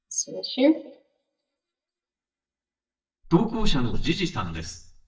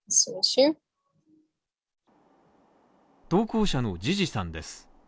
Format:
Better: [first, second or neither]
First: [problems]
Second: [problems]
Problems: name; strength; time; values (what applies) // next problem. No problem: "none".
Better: second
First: noise reduction (neural mask model DeepFilterNet 3)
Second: none